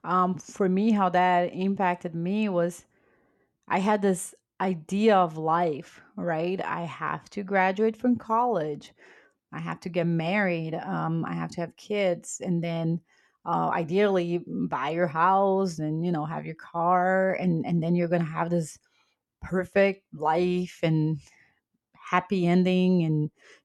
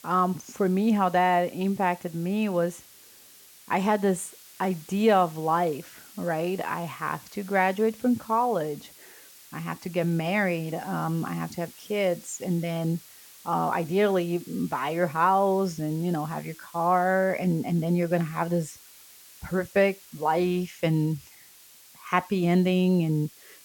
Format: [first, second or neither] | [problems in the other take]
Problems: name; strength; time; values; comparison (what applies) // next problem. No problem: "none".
first | hiss; faint; throughout; 20 dB below the speech